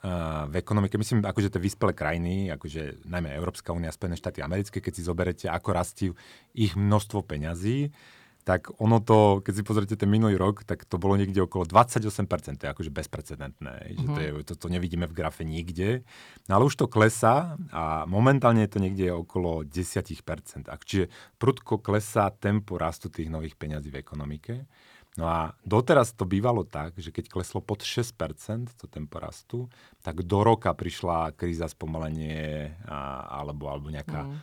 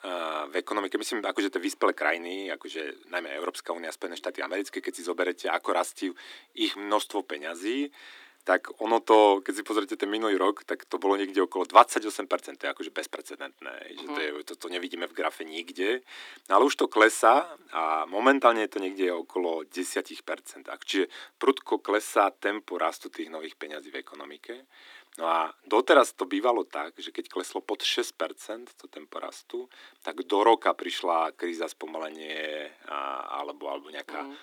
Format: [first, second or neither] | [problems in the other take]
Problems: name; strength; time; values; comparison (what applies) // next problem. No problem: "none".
first | thin; somewhat; fading below 250 Hz